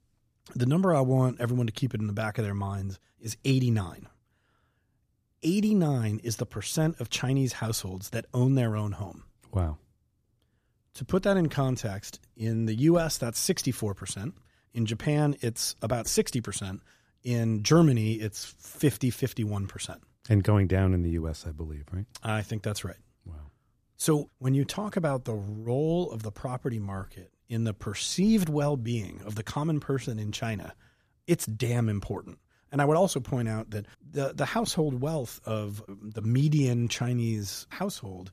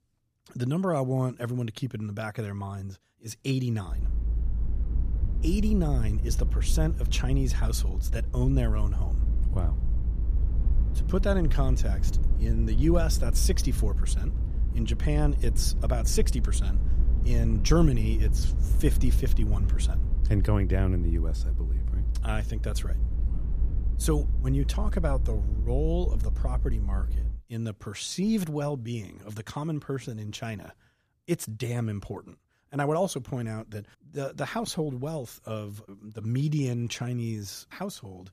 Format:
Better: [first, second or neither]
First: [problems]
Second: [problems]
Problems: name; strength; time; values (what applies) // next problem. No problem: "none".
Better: first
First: none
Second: low rumble; noticeable; from 4 to 27 s; 10 dB below the speech